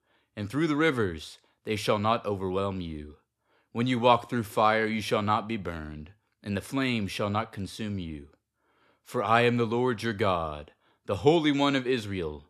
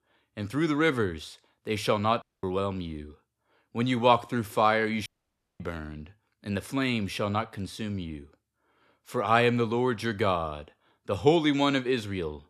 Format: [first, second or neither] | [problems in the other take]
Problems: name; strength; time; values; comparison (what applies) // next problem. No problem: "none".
first | audio cutting out; at 2 s and at 5 s for 0.5 s